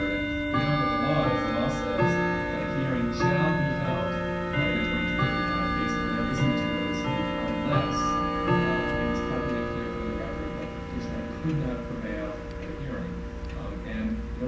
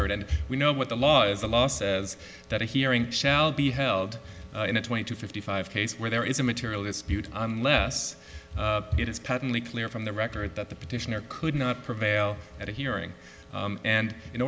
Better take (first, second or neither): second